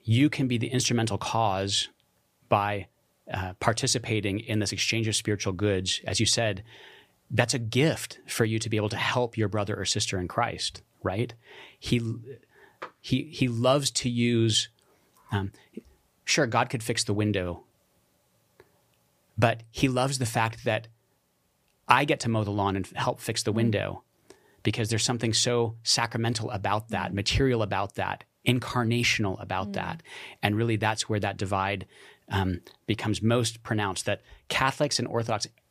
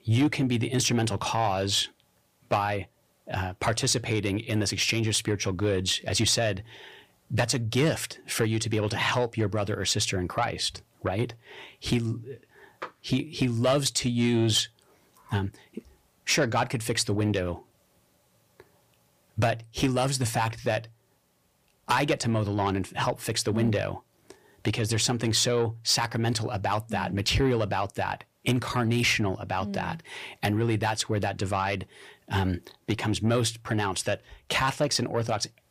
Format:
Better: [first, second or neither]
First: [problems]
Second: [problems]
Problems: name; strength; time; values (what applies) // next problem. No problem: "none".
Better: first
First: none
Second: distortion; slight; 10 dB below the speech